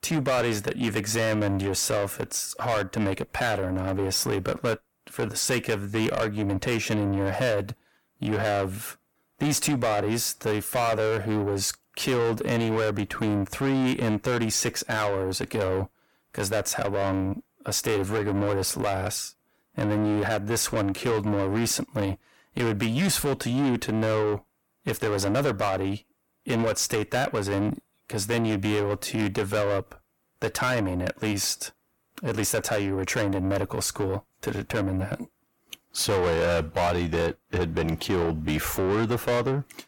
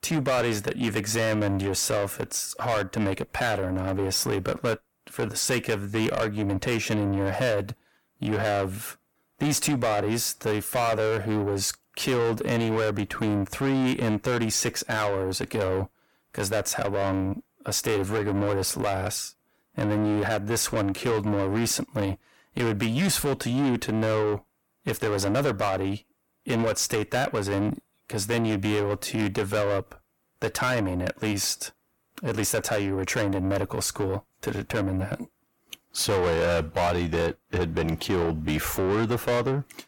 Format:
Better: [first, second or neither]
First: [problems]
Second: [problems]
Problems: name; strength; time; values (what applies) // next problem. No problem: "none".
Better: neither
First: distortion; heavy; 6 dB below the speech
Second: distortion; heavy; 6 dB below the speech